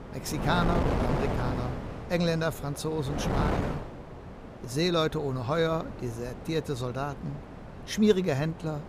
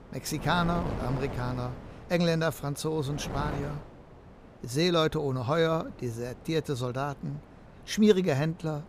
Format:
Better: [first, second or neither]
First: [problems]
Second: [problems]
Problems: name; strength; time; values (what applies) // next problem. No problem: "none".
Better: second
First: wind noise on the microphone; heavy; 6 dB below the speech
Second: wind noise on the microphone; occasional gusts; 15 dB below the speech